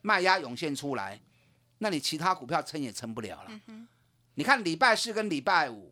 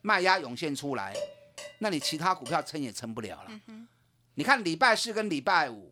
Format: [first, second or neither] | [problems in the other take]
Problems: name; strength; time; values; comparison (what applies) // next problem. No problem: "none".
first | clattering dishes; faint; from 1 to 2.5 s; peak 10 dB below the speech